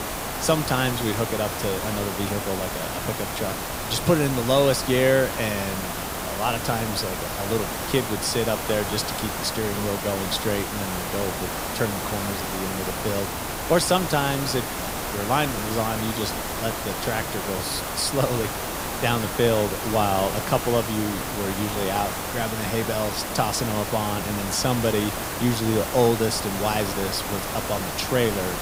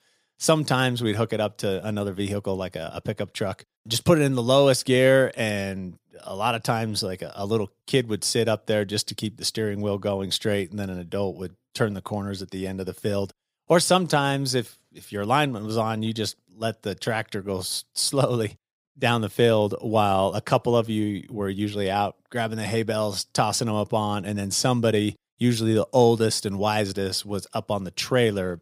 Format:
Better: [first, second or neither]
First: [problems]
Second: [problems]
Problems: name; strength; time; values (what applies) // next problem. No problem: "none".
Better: second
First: hiss; loud; throughout; 3 dB below the speech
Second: none